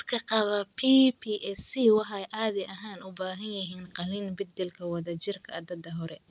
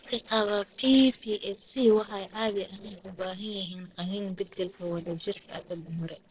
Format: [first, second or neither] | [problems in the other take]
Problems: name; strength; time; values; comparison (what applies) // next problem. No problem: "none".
first | noise reduction (neural separator model SepFormer DNS4)